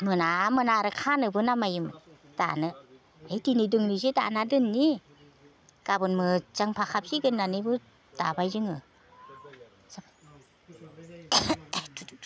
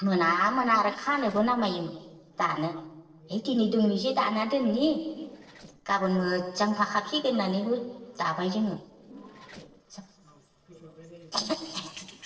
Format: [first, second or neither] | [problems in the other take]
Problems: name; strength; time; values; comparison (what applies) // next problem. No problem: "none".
first | noise reduction (neural separator model SepFormer DNS4)